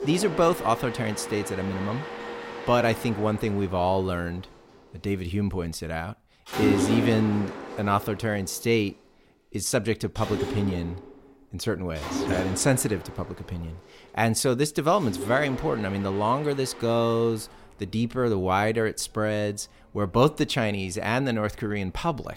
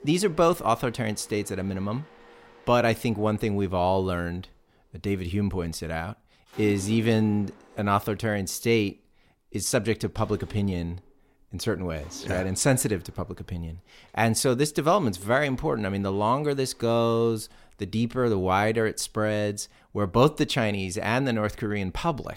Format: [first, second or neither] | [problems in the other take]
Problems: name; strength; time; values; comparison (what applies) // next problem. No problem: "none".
second | machinery noise; loud; throughout; 7 dB below the speech; faint in the second